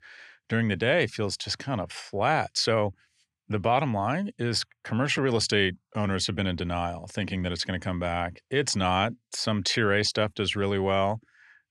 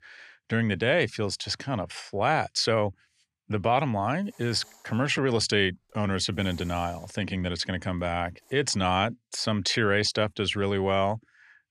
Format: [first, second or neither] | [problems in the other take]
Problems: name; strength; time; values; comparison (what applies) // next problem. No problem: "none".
first | hiss; faint; from 3.5 to 8.5 s; 25 dB below the speech